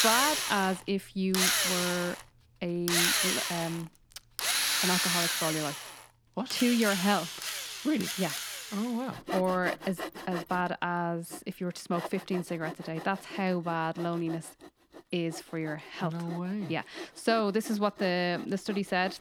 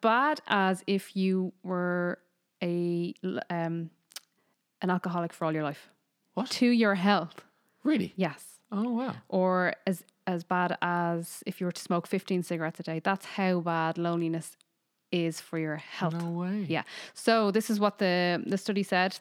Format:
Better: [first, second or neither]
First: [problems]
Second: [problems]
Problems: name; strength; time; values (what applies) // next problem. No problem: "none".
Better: second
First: machinery noise; very loud; throughout; 2 dB above the speech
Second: none